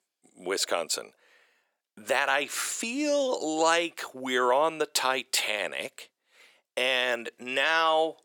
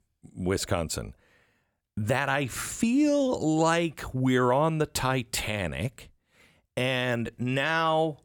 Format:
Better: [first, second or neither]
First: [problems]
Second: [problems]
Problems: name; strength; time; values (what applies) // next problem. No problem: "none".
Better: second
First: thin; somewhat; fading below 400 Hz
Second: none